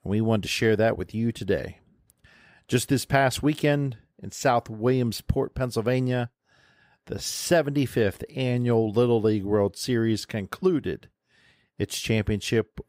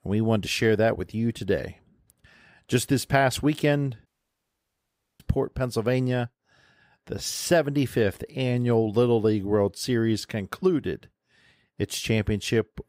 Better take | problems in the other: first | audio cutting out; at 4 s for 1 s

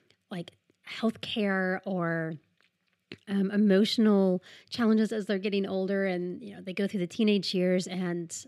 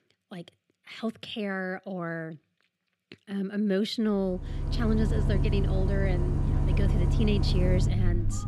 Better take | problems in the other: first | traffic noise; very faint; from 4.5 s on; 4 dB above the speech

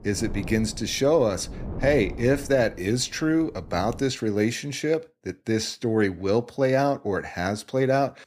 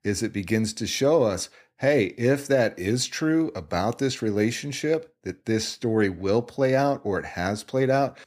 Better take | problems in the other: second | wind noise on the microphone; occasional gusts; until 4 s; 20 dB below the speech

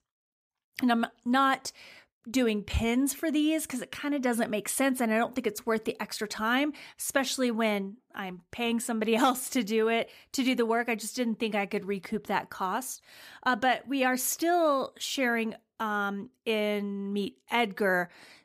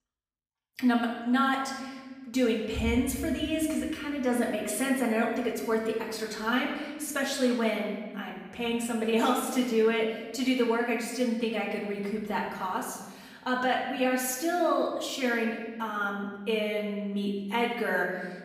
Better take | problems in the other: first | room echo; noticeable; dies away in 1.4 s // off-mic speech; far

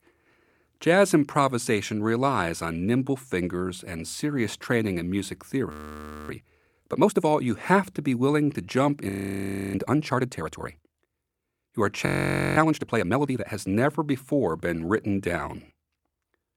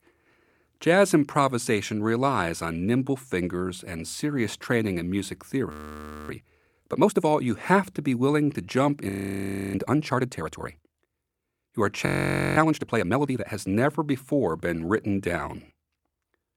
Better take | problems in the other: neither | audio freezing; at 5.5 s for 0.5 s, at 9 s for 0.5 s and at 12 s for 0.5 s; the same in both

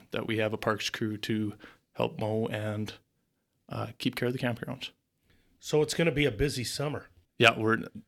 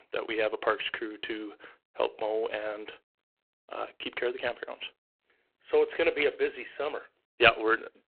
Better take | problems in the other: first | phone-call audio; poor line

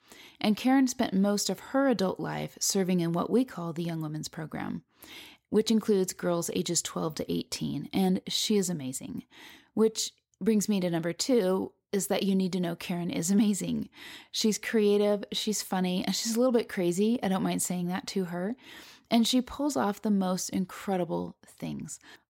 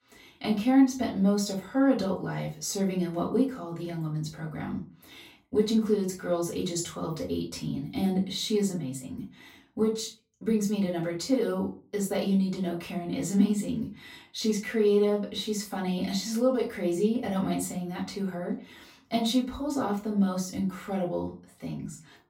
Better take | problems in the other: first | off-mic speech; far // room echo; slight; dies away in 0.3 s

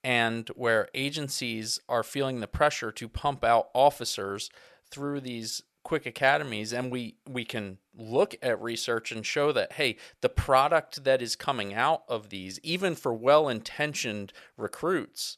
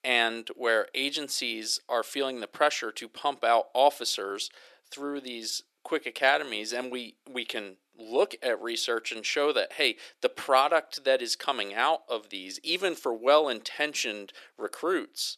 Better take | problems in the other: first | thin; very slightly; fading below 300 Hz

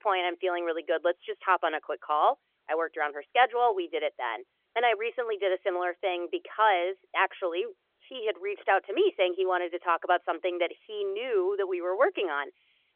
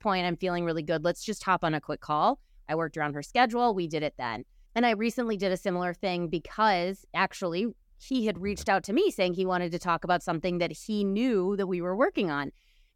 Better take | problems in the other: second | phone-call audio; nothing above 3.5 kHz

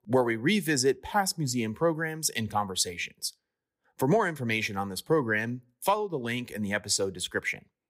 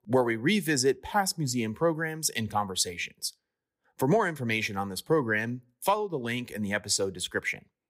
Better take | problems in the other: neither | none

